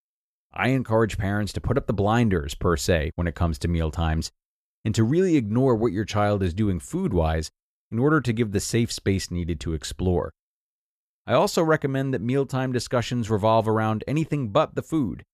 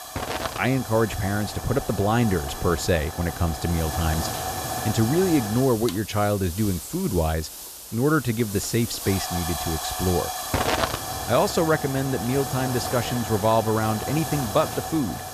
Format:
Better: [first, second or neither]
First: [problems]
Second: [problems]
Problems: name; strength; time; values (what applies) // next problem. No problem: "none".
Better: first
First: none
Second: hiss; loud; throughout; 6 dB below the speech